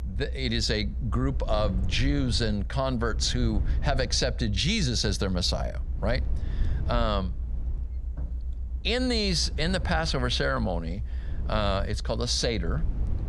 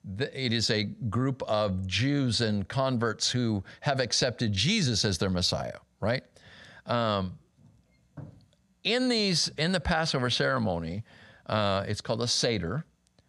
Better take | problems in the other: second | low rumble; faint; throughout; 20 dB below the speech

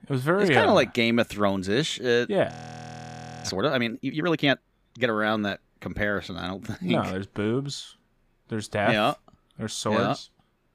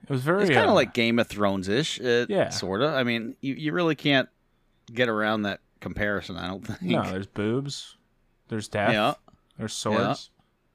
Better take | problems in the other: second | audio freezing; at 2.5 s for 1 s

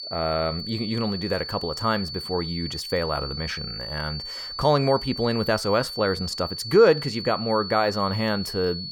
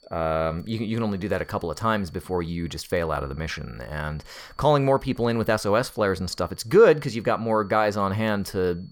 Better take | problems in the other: second | high-pitched whine; loud; throughout; 4.5 kHz, 7 dB below the speech; faint in the second

